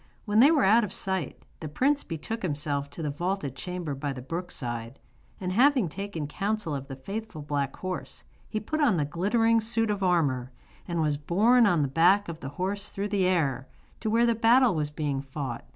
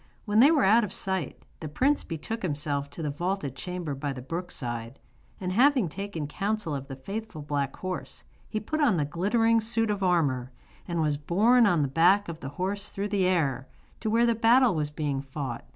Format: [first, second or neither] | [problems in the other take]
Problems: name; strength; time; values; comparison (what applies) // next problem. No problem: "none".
first | background sound (Bass drum); 18 dB below the speech